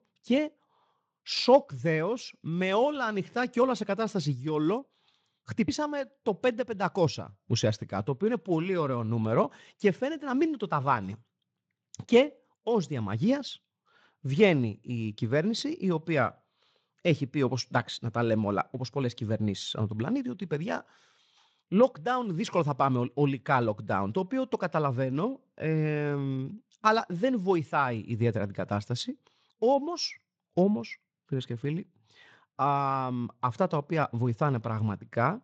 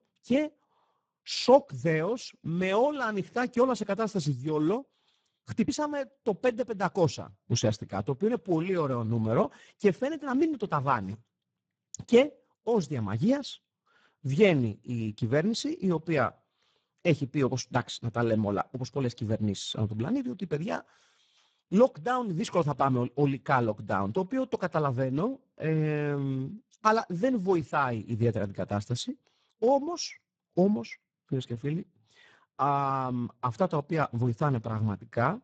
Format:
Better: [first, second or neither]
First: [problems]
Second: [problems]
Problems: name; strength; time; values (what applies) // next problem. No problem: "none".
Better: first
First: garbled, watery; slightly; nothing above 7.5 kHz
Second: garbled, watery; badly; nothing above 7.5 kHz